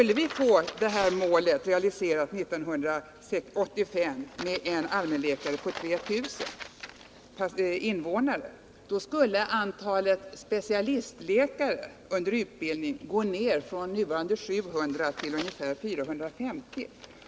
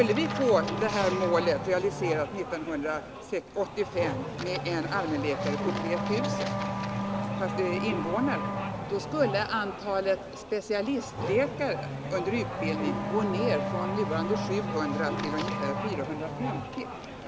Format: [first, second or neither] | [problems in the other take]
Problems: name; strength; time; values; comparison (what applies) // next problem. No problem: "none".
first | background sound (Race car, auto racing / Accelerating, revving, vroom); 3 dB below the speech